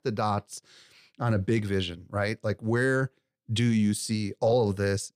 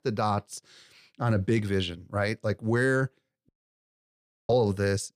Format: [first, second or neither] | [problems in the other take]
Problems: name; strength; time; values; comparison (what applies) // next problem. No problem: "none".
first | audio cutting out; at 3.5 s for 1 s